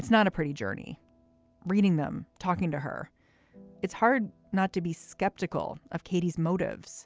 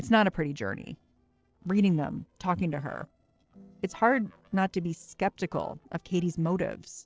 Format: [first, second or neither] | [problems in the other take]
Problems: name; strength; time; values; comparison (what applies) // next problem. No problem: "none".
first | noise reduction (neural separator model SepFormer DNS4)